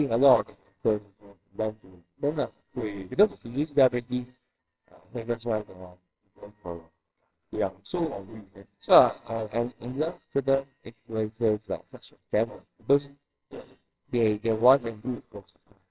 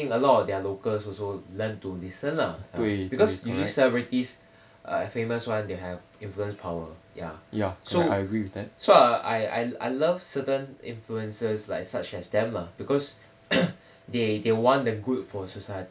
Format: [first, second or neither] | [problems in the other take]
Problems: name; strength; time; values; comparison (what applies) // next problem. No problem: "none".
second | noise reduction (neural separator model SepFormer WHAMR!)